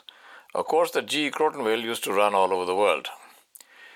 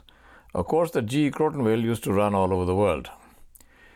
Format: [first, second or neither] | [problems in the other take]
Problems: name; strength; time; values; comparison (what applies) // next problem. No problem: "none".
second | thin; somewhat; fading below 500 Hz